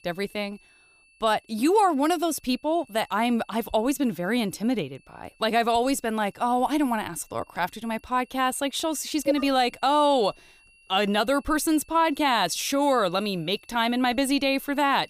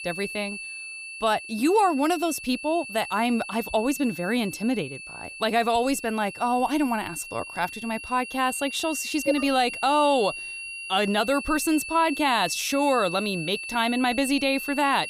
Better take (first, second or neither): first